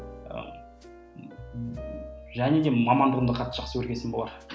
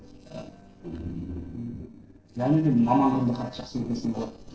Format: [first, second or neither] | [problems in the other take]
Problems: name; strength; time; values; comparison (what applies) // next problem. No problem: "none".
first | noise reduction (neural separator model SepFormer DNS4)